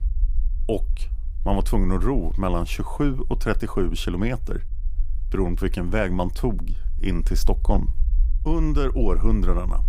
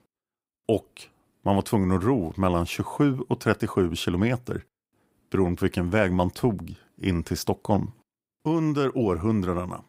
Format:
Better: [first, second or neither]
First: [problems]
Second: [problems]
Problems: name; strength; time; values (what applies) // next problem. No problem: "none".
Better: second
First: low rumble; faint; throughout; 25 dB below the speech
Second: none